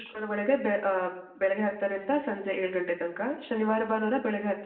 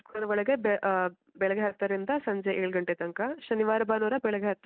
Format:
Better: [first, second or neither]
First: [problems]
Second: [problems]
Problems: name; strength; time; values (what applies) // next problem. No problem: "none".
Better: second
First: room echo; dies away in 0.8 s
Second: none